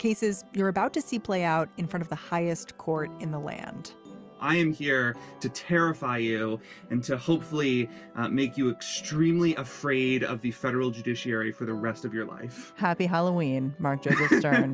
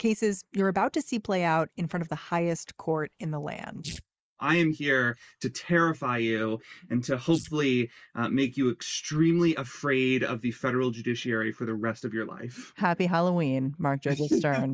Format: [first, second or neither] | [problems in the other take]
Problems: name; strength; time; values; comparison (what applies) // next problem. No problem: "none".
first | noise reduction (neural mask model Resemble Enhance denoiser)